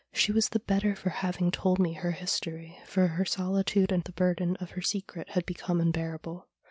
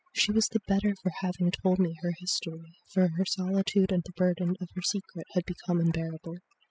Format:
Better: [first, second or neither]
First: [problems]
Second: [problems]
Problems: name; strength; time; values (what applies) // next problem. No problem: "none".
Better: first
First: none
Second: noise reduction (classical method spectral subtraction)